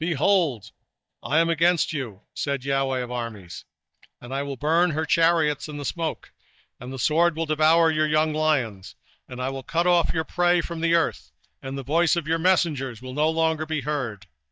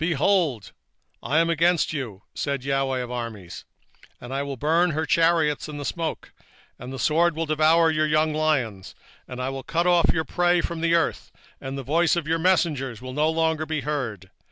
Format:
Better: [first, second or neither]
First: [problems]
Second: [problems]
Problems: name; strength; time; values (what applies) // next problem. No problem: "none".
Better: second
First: noise reduction (neural mask model DeepFilterNet 3)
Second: none